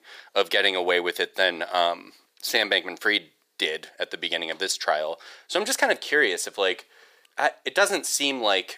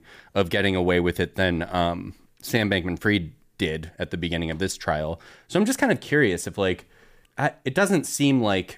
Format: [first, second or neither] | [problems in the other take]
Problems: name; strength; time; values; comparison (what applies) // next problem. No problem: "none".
second | thin; very; fading below 450 Hz